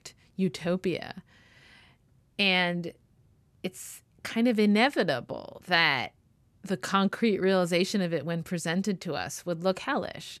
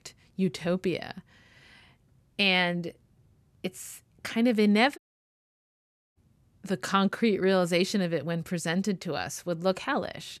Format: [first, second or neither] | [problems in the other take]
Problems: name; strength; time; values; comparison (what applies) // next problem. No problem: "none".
first | audio cutting out; at 5 s for 1 s